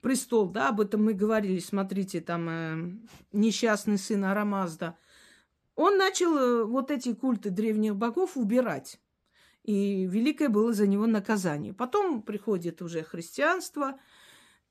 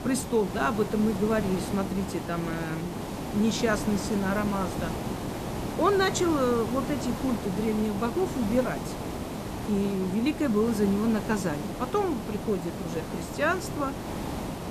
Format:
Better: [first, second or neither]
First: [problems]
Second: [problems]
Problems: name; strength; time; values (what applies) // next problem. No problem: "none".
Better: first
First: none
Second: hiss; loud; throughout; 6 dB below the speech